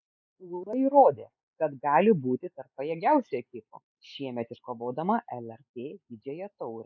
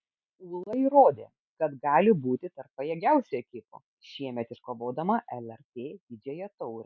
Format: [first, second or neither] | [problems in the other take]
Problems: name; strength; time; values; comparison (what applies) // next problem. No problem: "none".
second | noise reduction (neural mask model Resemble Enhance denoiser)